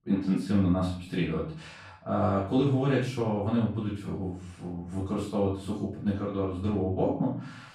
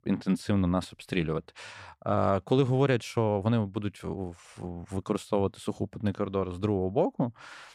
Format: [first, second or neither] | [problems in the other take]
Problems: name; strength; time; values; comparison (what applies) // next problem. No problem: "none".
second | off-mic speech; far // room echo; noticeable; dies away in 0.5 s